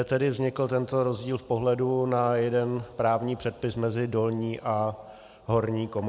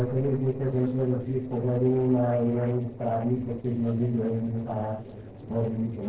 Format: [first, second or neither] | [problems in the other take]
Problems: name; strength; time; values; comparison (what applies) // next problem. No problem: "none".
first | noise reduction (neural separator model SepFormer DNS4)